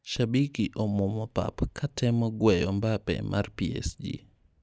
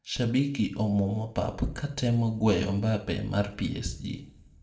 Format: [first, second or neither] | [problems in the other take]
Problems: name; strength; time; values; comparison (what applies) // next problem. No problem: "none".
first | room echo; dies away in 0.5 s